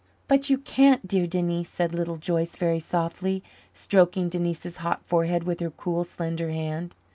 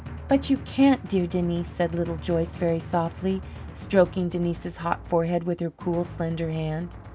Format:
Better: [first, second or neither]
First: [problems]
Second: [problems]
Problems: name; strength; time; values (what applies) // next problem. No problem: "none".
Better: first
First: none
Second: background sound (Drum); 13 dB below the speech